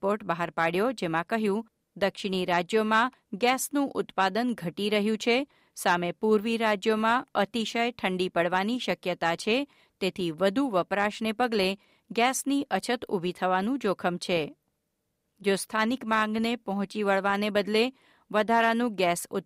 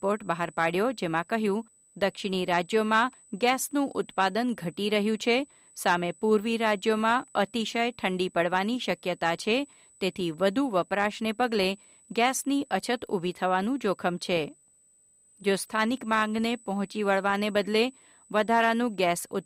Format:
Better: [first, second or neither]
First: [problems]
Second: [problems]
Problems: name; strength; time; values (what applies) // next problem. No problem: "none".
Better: first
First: none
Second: high-pitched whine; faint; throughout; 8 kHz, 30 dB below the speech